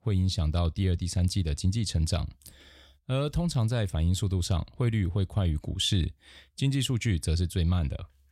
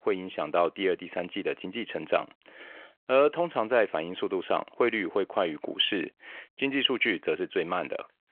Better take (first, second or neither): first